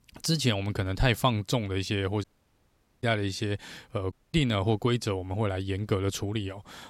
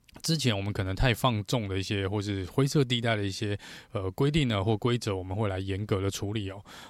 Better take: second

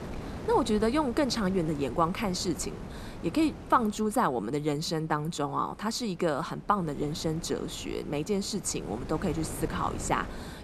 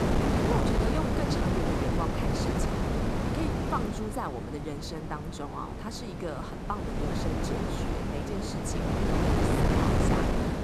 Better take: first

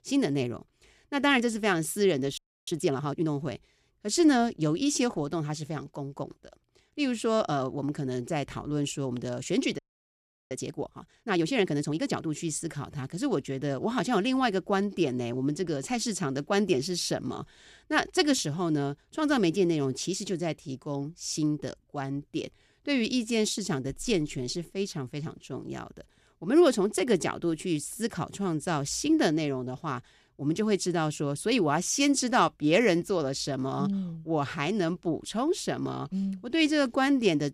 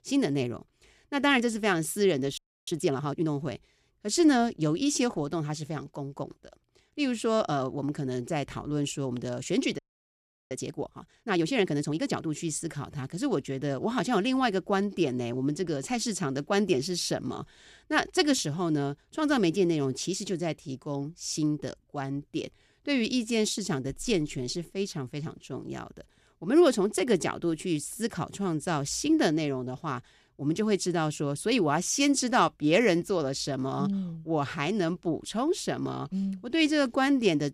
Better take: neither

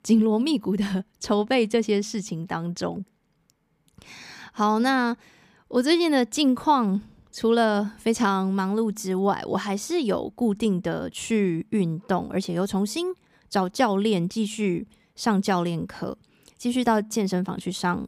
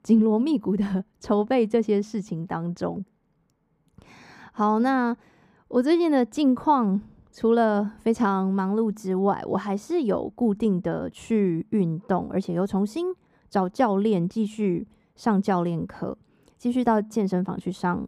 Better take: first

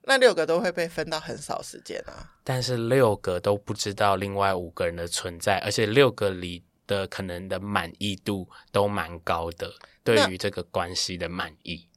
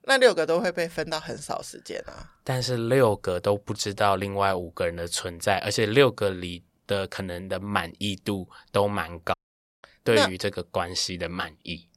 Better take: first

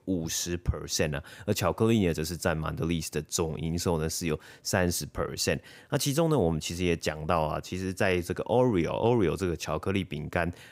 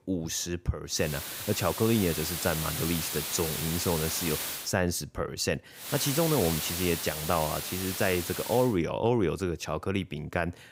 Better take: first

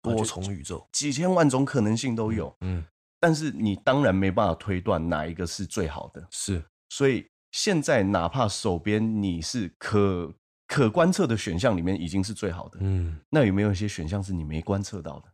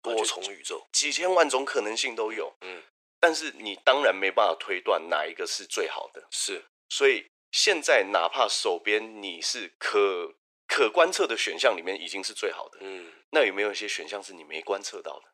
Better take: first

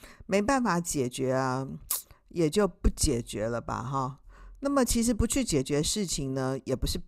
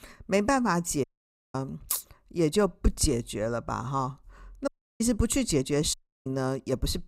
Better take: first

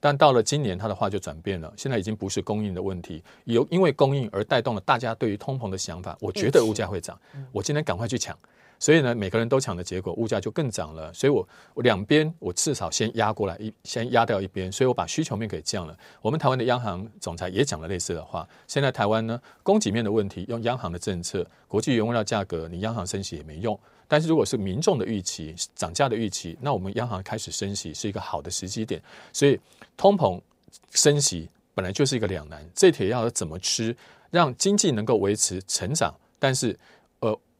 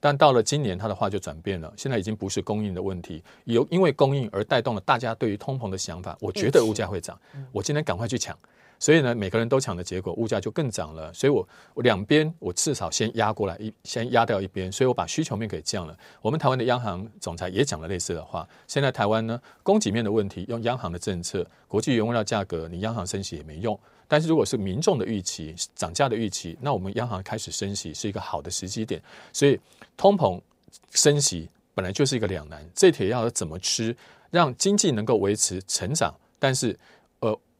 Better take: neither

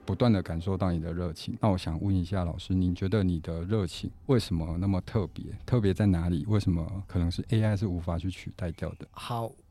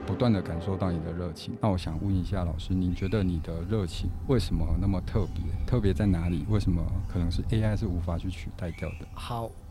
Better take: first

